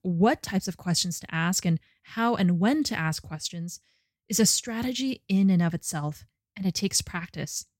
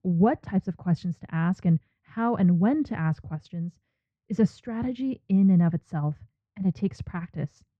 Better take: first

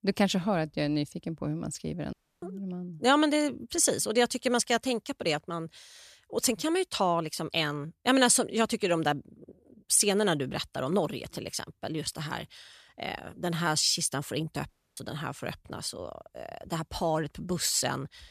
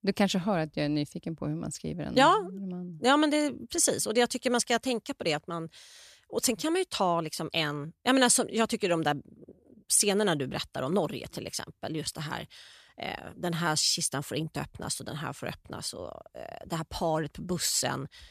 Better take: second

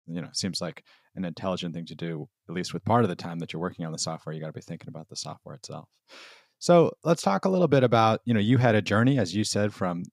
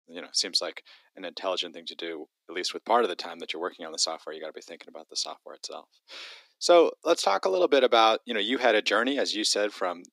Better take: first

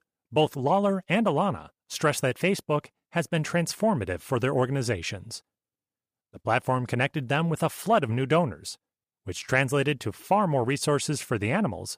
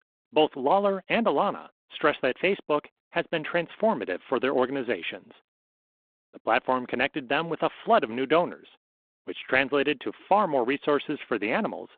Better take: first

